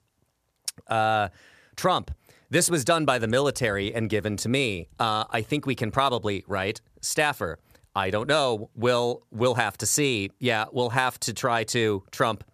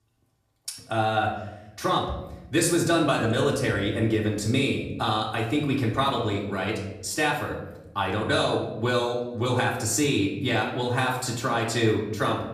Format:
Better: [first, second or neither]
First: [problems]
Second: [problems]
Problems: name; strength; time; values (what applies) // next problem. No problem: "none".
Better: first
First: none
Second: off-mic speech; far // room echo; noticeable; dies away in 0.9 s